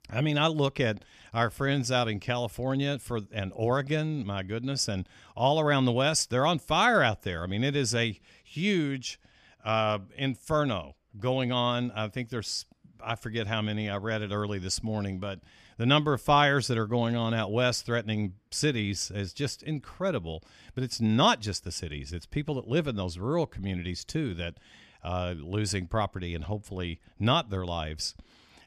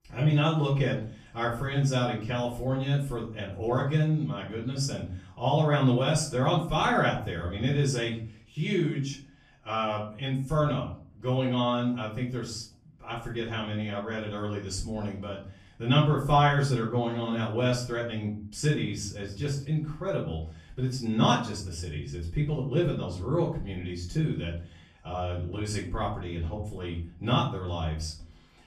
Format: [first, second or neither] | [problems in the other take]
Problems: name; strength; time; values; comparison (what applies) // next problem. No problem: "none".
first | off-mic speech; far // room echo; slight; dies away in 0.5 s